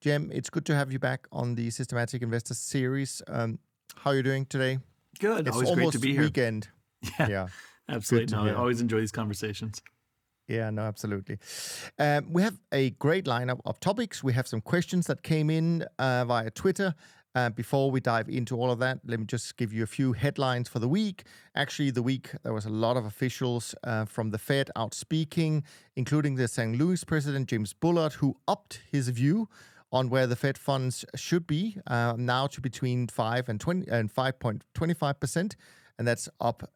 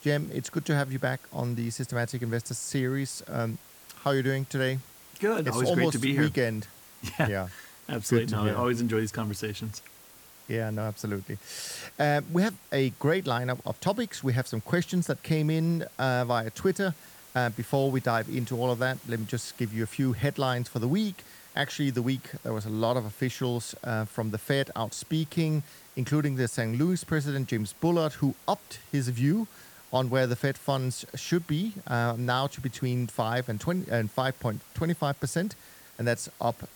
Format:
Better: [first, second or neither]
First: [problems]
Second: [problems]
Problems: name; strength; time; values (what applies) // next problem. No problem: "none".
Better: first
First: none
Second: hiss; noticeable; throughout; 20 dB below the speech